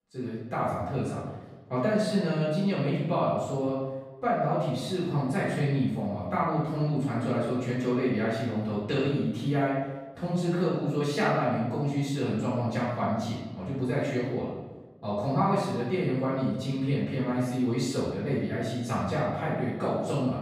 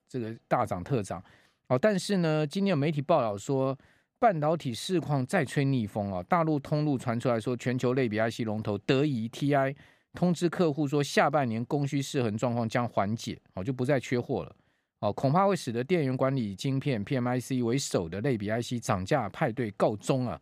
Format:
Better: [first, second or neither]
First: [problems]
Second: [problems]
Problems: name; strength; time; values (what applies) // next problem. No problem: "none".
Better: second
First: room echo; noticeable; dies away in 1 s // off-mic speech; far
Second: none